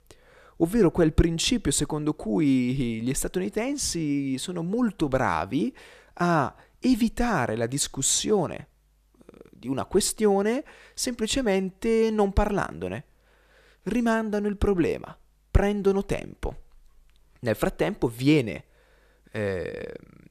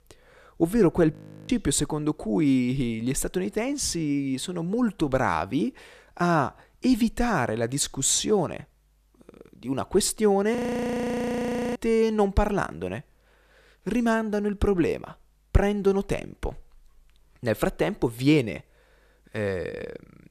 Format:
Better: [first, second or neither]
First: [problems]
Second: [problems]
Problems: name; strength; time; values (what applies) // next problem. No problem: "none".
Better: first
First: none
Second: audio freezing; at 1 s and at 11 s for 1 s